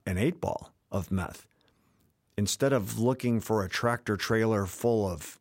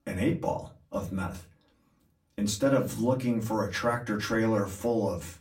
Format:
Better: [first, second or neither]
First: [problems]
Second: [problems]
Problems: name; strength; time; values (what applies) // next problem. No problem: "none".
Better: first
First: none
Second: off-mic speech; far // room echo; very slight; dies away in 0.3 s